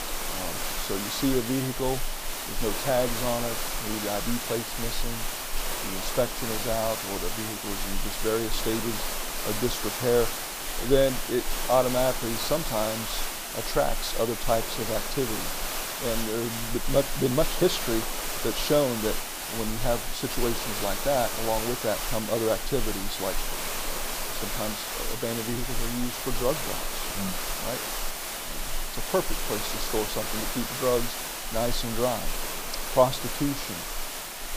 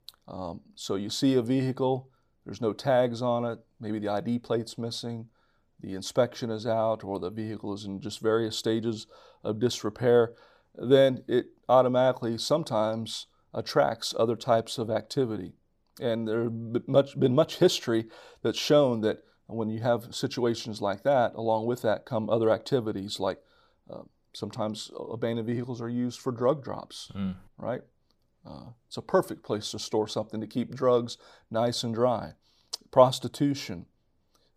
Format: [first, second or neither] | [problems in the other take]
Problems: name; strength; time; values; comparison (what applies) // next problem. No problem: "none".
second | hiss; loud; throughout; 2 dB below the speech